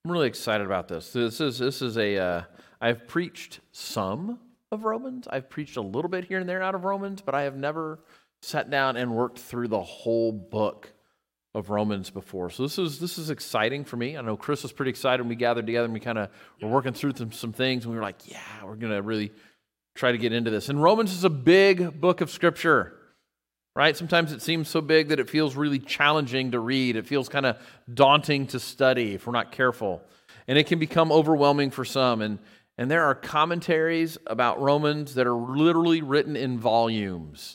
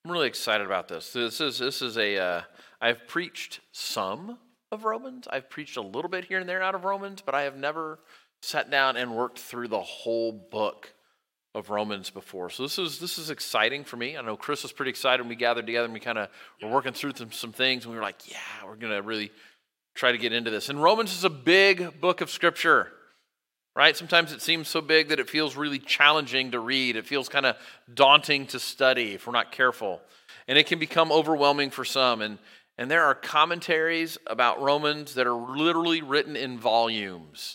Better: first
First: none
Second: thin; somewhat; fading below 600 Hz

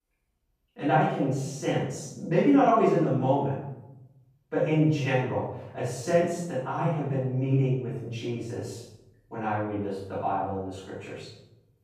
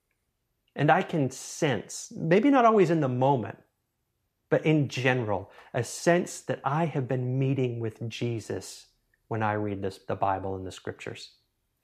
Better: second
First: off-mic speech; far // room echo; strong; dies away in 0.8 s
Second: none

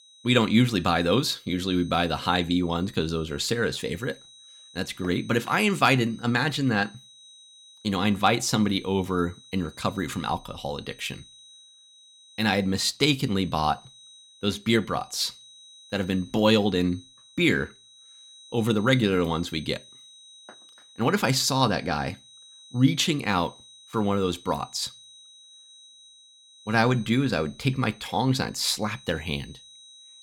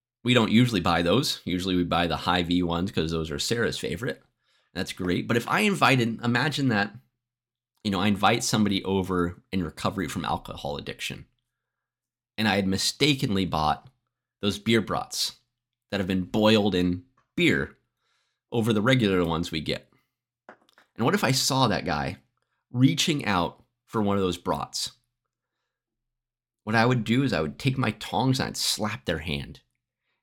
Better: second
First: high-pitched whine; faint; throughout; 4 kHz, 25 dB below the speech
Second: none

